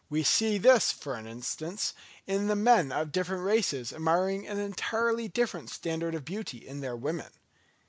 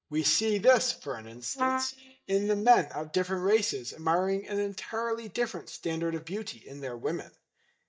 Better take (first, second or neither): first